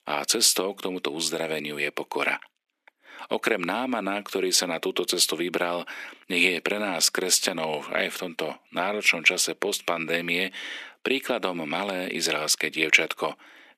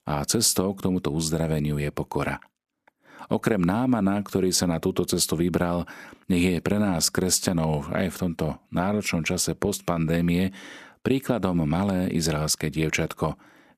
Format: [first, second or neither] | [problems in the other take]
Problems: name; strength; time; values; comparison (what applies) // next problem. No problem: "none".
second | thin; somewhat; fading below 350 Hz